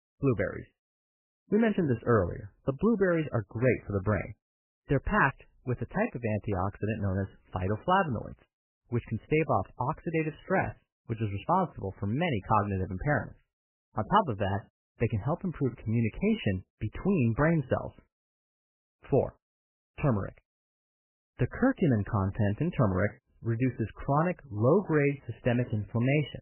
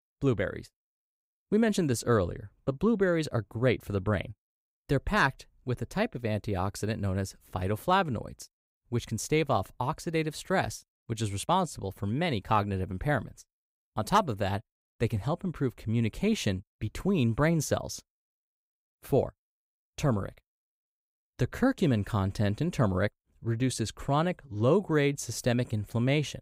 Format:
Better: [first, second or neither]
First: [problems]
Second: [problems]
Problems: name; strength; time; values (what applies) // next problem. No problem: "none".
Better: second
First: garbled, watery; badly; nothing above 3 kHz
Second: none